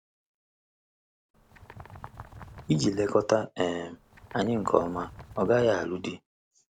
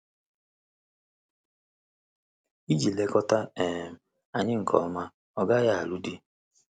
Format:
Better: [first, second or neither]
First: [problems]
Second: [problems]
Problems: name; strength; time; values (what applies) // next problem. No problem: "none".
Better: second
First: background sound (Bird); 17 dB below the speech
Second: none